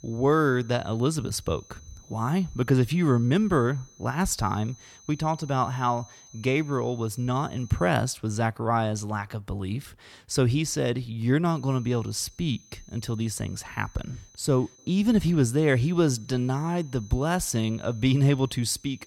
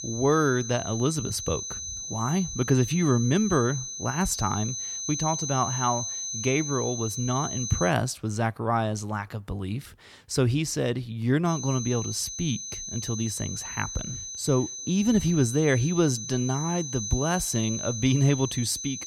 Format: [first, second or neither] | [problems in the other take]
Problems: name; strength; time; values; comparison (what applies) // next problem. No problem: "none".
first | high-pitched whine; loud; until 8 s and from 11 s on; 6 kHz, 6 dB below the speech; faint in the first